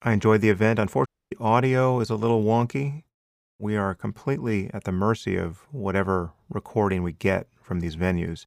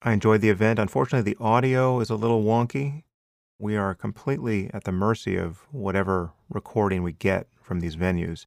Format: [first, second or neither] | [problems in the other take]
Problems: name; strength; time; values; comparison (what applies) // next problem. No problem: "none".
second | audio cutting out; at 1 s